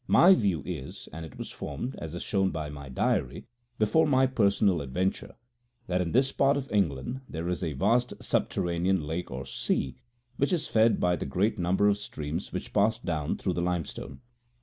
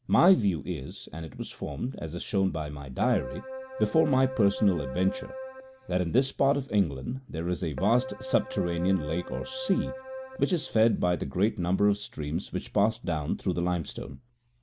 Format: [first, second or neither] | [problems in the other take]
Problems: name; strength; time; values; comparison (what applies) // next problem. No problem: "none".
first | background sound (Keyboard (musical)); 12 dB below the speech